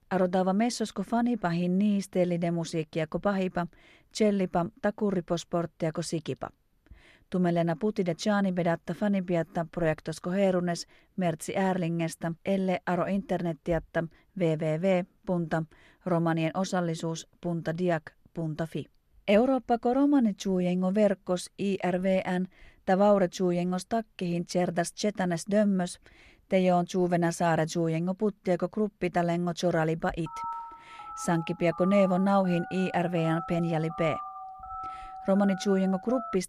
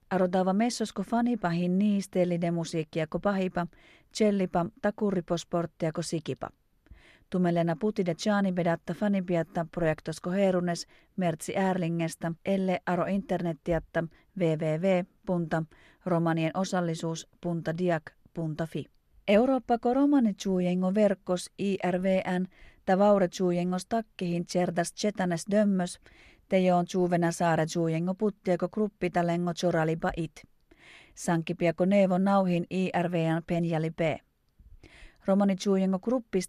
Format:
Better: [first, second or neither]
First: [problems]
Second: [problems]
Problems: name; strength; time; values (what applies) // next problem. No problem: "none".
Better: second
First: phone ringing; noticeable; from 30 s on; peak 8 dB below the speech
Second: none